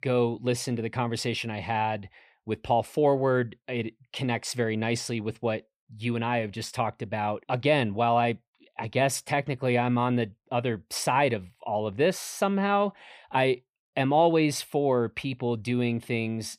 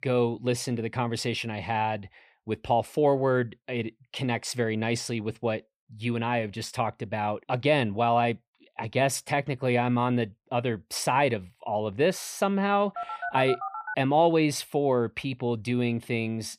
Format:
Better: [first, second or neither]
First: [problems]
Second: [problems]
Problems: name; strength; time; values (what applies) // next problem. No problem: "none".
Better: first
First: none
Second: phone ringing; noticeable; at 13 s; peak 6 dB below the speech